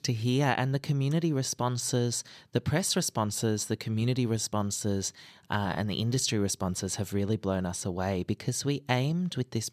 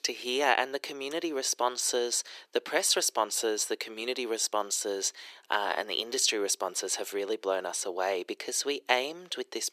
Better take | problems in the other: first | thin; very; fading below 350 Hz

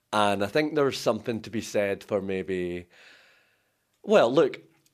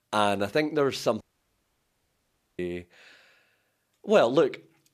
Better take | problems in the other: first | audio cutting out; at 1 s for 1.5 s

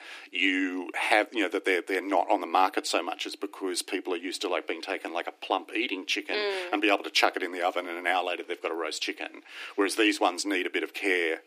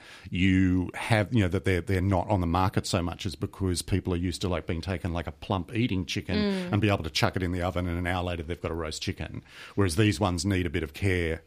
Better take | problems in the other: second | thin; very; fading below 300 Hz

